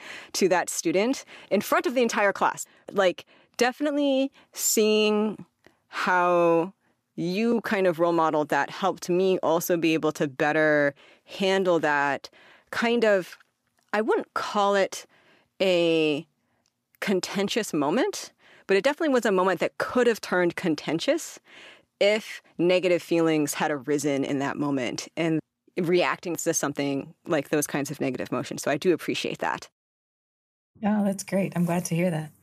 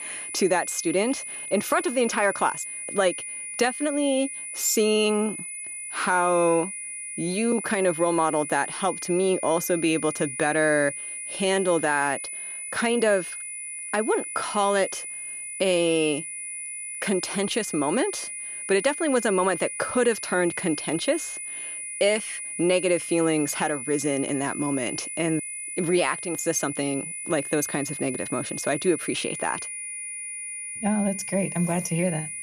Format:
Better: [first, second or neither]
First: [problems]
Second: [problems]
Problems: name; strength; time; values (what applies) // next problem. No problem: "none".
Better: first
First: none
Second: high-pitched whine; loud; throughout; 10 kHz, 7 dB below the speech